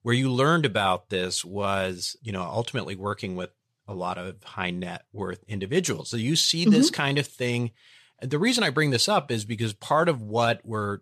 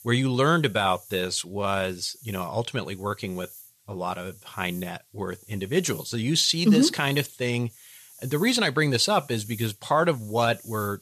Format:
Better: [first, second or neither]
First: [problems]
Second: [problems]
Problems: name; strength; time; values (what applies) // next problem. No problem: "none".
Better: first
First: none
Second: hiss; faint; throughout; 20 dB below the speech